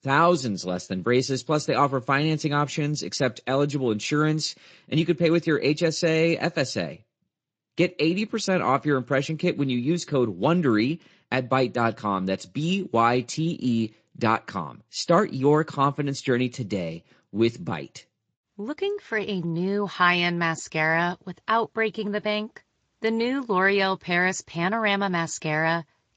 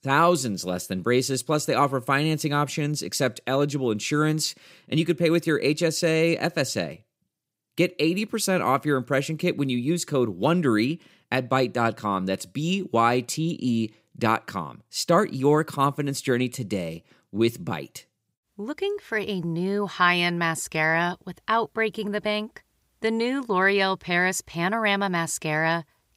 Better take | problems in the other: second | garbled, watery; slightly; nothing above 7.5 kHz

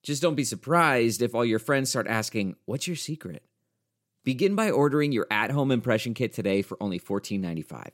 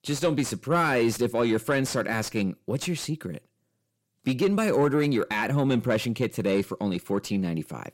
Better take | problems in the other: first | distortion; slight; 10 dB below the speech

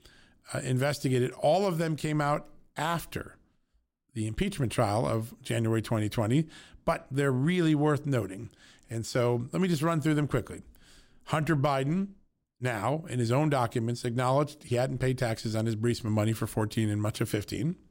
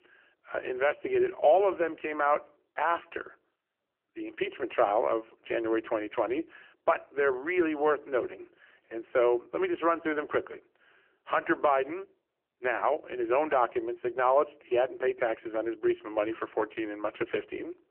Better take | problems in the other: first | phone-call audio; poor line; nothing above 3 kHz

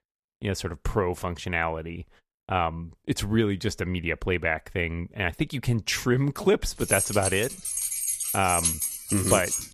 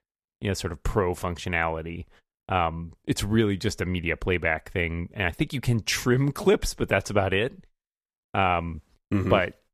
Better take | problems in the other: second | jangling keys; loud; from 7 s on; peak 3 dB above the speech

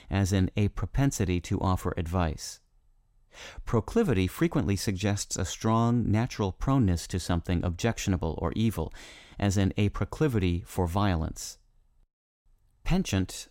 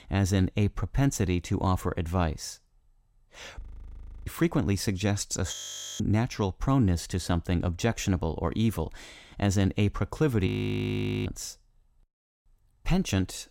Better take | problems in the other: first | audio freezing; at 3.5 s for 0.5 s, at 5.5 s and at 10 s for 1 s

